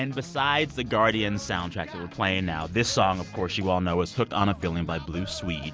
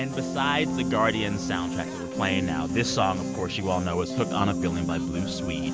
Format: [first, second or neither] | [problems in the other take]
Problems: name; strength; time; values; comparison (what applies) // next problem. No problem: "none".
first | background sound (Piano); 2 dB below the speech